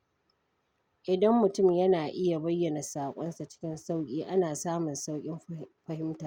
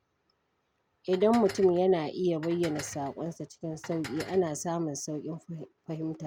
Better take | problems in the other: first | background sound (Dishes, pots, and pans); 16 dB below the speech

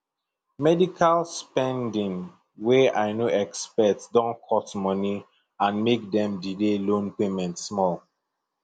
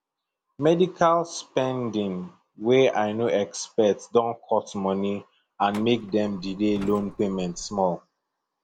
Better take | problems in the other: first | background sound (Truck); 20 dB below the speech

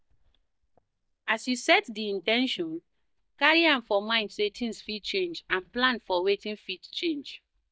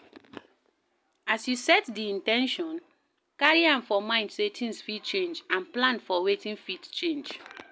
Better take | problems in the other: second | noise reduction (neural mask model DeepFilterNet 3)

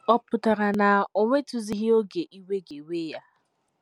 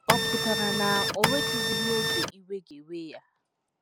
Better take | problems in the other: first | background sound (Printer); 5 dB above the speech

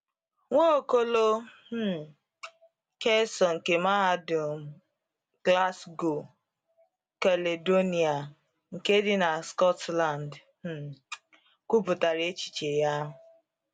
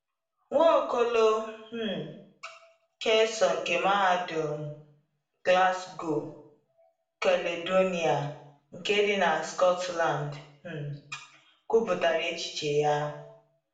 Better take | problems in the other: first | room echo; dies away in 0.6 s

